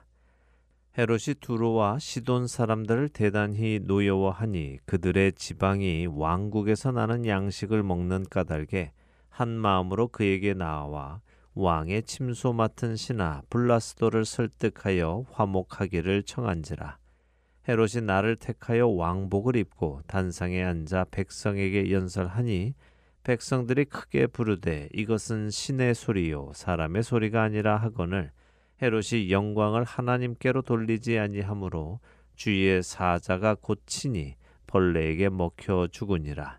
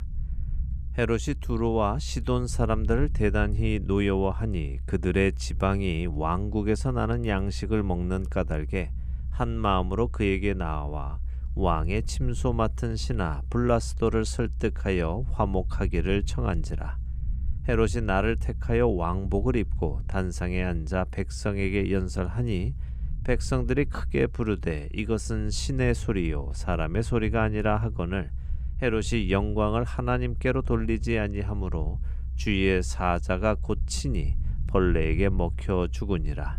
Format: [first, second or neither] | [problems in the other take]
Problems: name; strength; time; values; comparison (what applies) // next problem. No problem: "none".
first | low rumble; faint; throughout; 25 dB below the speech